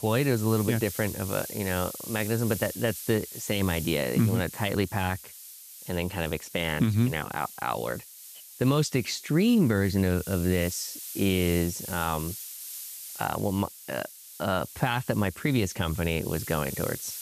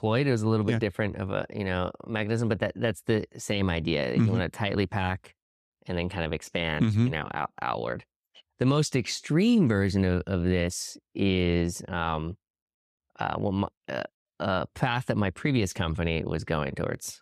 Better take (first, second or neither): second